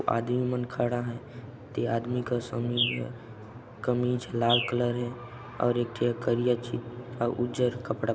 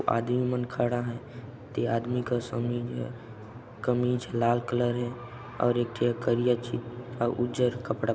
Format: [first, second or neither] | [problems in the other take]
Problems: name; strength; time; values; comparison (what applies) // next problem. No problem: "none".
second | background sound (Bird); 8 dB below the speech